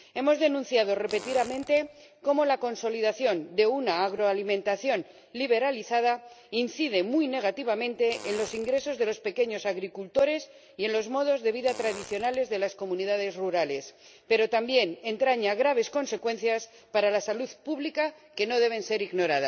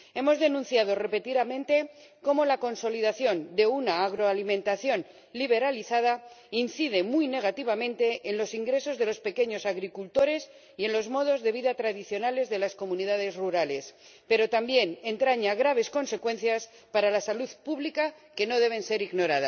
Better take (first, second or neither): second